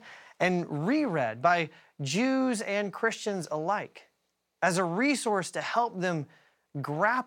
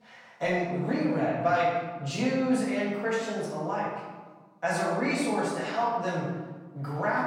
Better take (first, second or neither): first